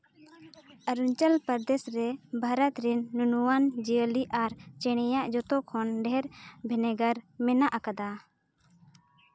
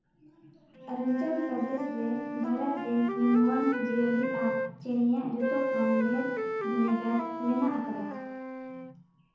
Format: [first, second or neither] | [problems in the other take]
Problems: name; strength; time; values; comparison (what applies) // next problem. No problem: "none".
first | background sound (Wind instrument, woodwind instrument); 5 dB below the speech // room echo; dies away in 0.9 s